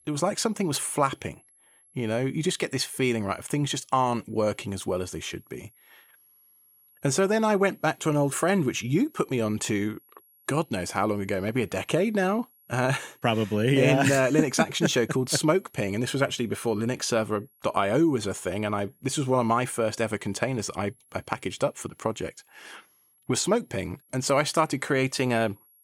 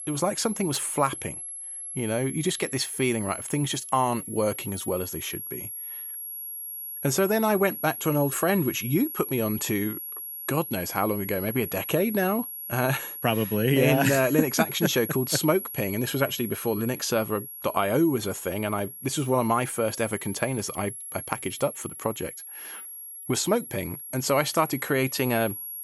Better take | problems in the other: first | high-pitched whine; loud; throughout; 11.5 kHz, 8 dB below the speech; faint in the first

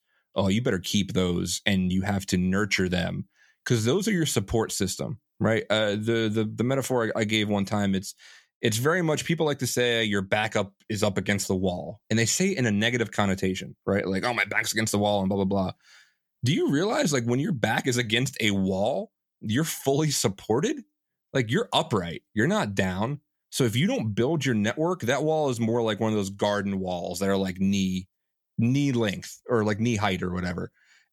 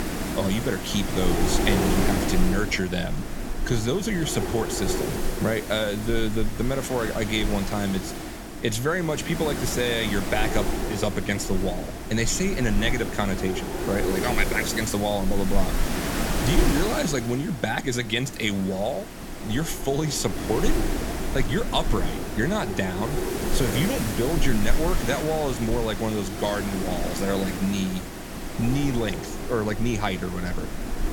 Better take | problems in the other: first | wind noise on the microphone; heavy; 4 dB below the speech

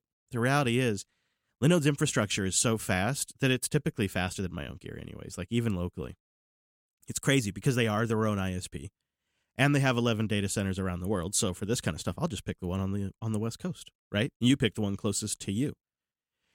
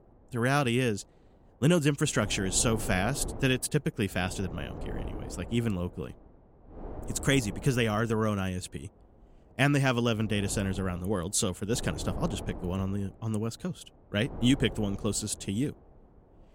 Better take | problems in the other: first | wind noise on the microphone; occasional gusts; 15 dB below the speech

